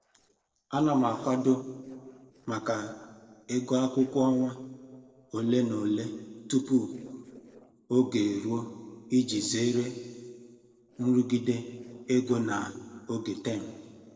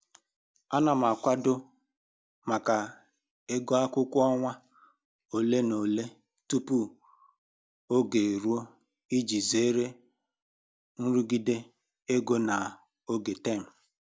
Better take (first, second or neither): second